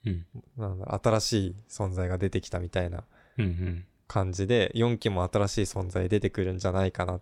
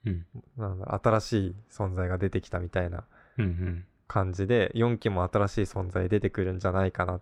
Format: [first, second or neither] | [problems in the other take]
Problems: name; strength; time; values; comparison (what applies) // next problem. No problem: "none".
first | muffled; slightly; fading above 3.5 kHz